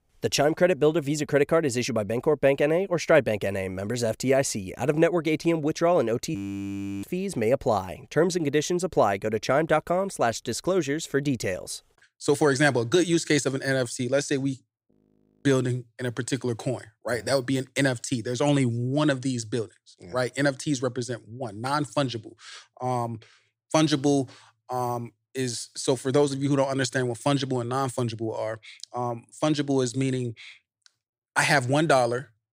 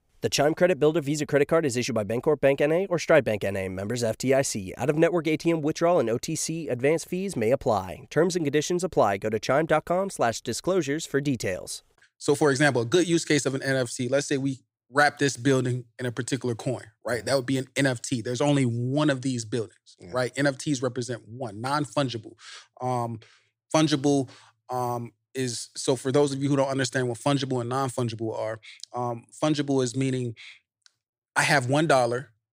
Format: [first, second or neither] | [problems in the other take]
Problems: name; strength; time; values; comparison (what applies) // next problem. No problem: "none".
second | audio freezing; at 6.5 s for 0.5 s and at 15 s for 0.5 s